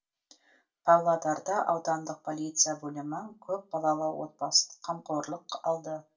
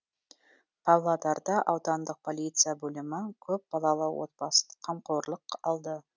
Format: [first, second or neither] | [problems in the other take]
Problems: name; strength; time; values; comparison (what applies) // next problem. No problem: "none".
second | room echo; dies away in 0.2 s